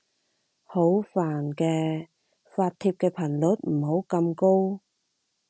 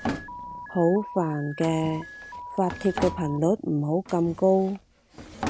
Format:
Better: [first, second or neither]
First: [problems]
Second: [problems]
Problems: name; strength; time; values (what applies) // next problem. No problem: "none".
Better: first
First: none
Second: background sound (Alarm + Drawer open or close); 10 dB below the speech